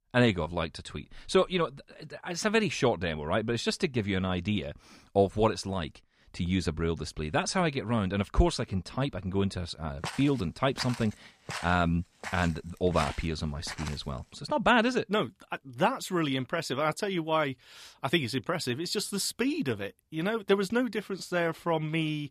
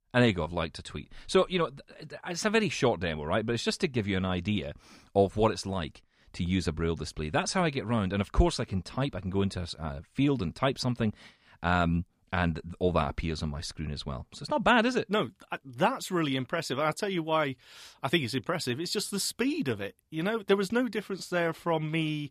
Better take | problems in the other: second | footsteps; noticeable; from 10 to 14 s; peak 9 dB below the speech

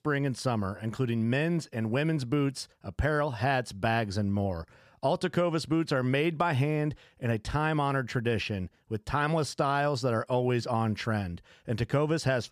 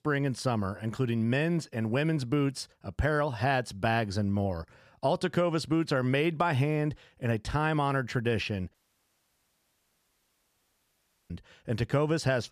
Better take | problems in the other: first | audio cutting out; at 8.5 s for 2.5 s

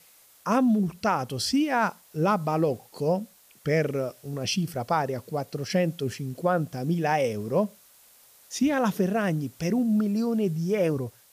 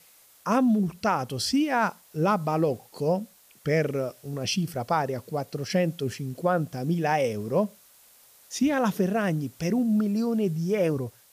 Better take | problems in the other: neither | hiss; faint; throughout; 25 dB below the speech; the same in both

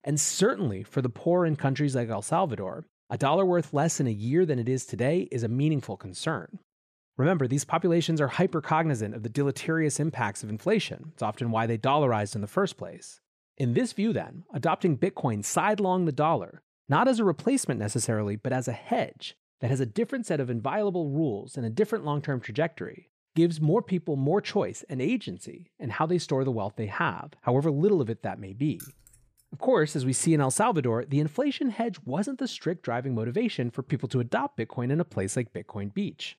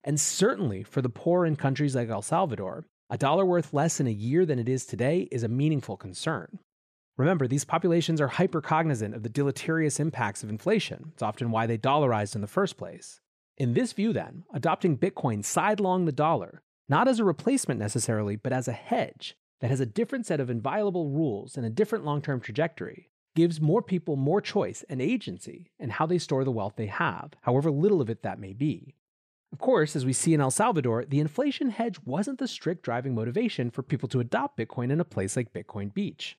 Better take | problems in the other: second | jangling keys; faint; at 29 s; peak 20 dB below the speech

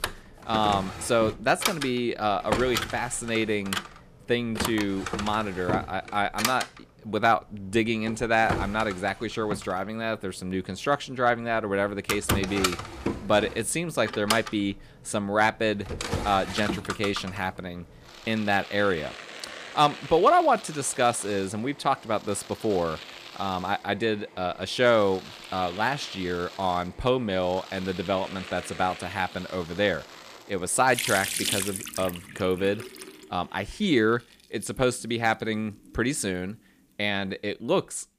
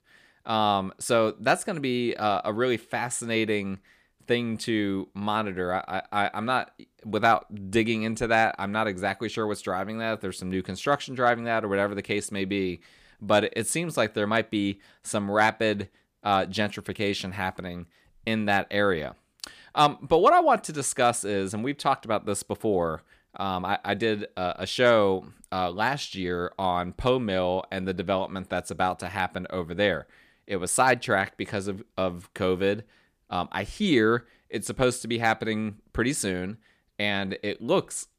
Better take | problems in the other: second | household noises; loud; throughout; 7 dB below the speech

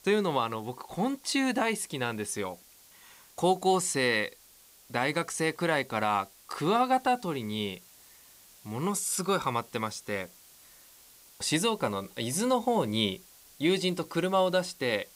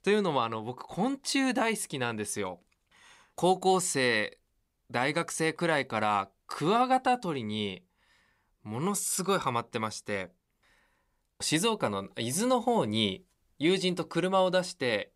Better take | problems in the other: second | hiss; faint; throughout; 25 dB below the speech

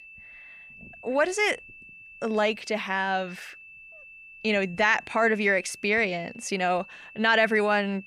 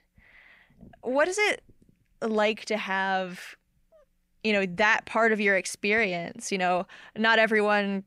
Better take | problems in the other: second | high-pitched whine; noticeable; throughout; 2.5 kHz, 20 dB below the speech

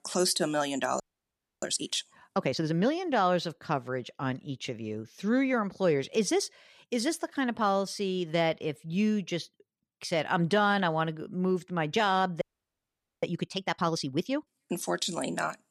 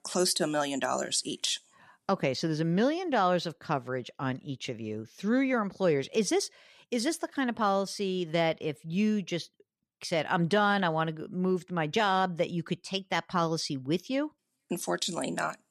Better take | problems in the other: second | audio freezing; at 1 s for 0.5 s and at 12 s for 1 s

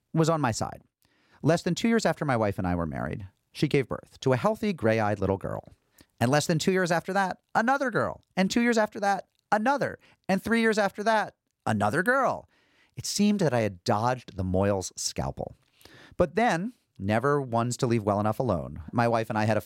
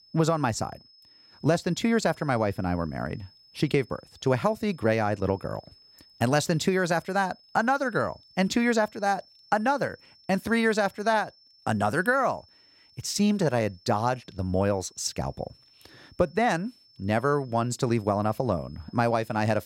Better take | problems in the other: first | high-pitched whine; faint; throughout; 5 kHz, 30 dB below the speech

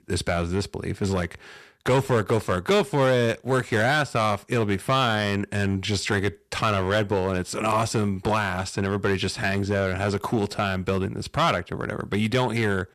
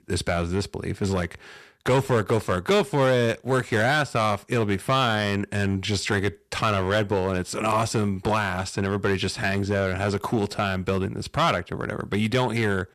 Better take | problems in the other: neither | distortion; slight; 4% of the sound clipped; the same in both

